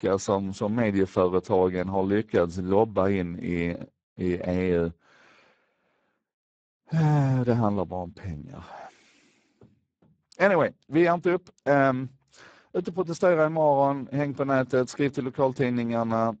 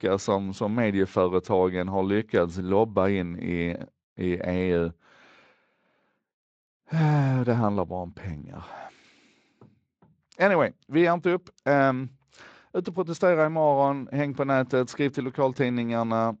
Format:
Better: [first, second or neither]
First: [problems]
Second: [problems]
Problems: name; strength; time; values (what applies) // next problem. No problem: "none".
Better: second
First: garbled, watery; badly; nothing above 7.5 kHz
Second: garbled, watery; slightly; nothing above 7.5 kHz